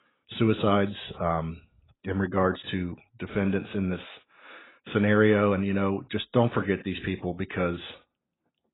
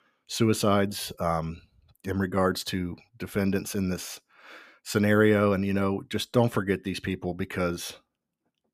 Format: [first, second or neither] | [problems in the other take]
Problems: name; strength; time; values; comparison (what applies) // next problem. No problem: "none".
second | garbled, watery; badly; nothing above 4 kHz